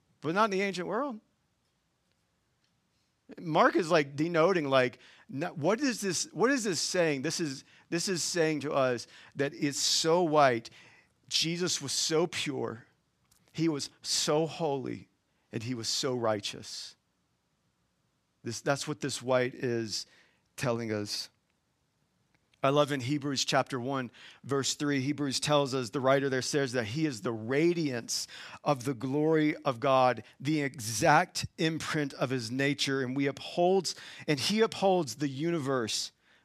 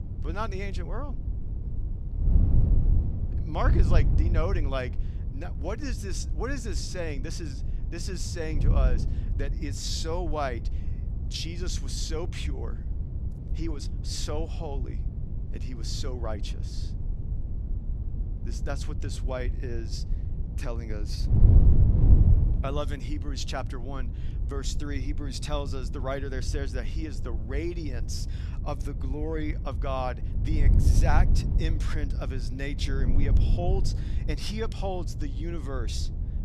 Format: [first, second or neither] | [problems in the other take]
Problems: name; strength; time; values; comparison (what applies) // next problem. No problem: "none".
first | wind noise on the microphone; heavy; 8 dB below the speech